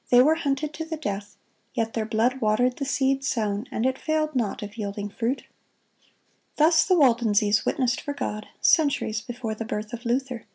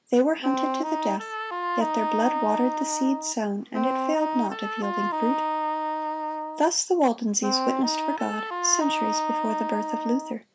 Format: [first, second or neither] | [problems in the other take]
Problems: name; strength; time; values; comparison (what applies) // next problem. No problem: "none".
first | background sound (Wind instrument, woodwind instrument); 1 dB below the speech